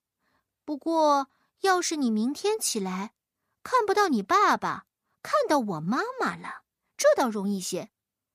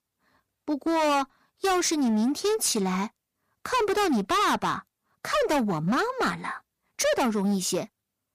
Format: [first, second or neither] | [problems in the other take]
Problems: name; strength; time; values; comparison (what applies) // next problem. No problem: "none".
first | distortion; heavy; 18% of the sound clipped